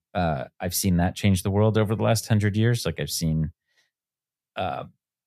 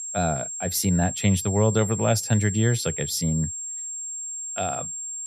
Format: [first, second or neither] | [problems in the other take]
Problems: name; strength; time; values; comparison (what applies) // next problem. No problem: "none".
first | high-pitched whine; loud; throughout; 7.5 kHz, 6 dB below the speech